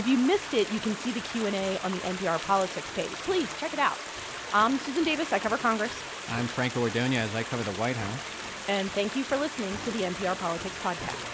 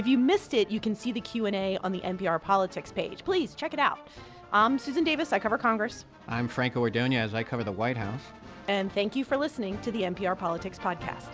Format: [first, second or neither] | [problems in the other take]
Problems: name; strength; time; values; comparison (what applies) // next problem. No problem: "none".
second | background sound (Stream); 9 dB below the speech